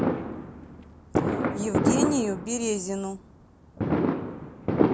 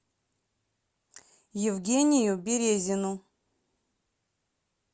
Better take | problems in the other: second | background sound (Fireworks); 5 dB above the speech

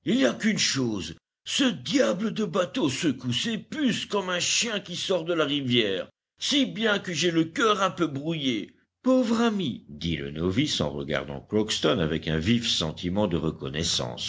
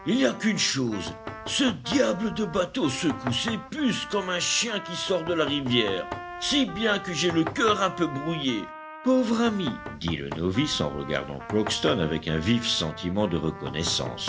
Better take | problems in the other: first | background sound (Knock + Trumpet); 12 dB below the speech

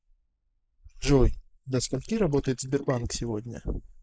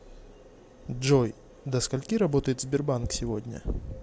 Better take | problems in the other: second | noise reduction (neural mask model Resemble Enhance denoiser)

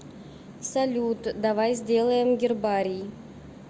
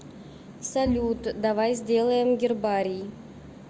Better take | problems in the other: first | background sound (Bowed string instrument); 10 dB below the speech

